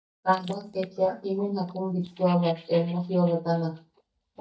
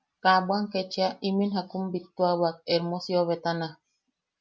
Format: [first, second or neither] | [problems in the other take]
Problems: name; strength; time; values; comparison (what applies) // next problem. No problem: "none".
second | noise reduction (neural mask model DeepFilterNet 3)